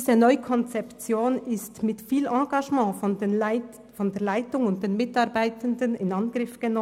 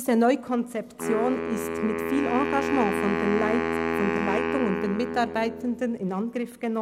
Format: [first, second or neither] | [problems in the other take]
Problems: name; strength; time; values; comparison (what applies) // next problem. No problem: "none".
first | background sound (Wind instrument, woodwind instrument); 2 dB below the speech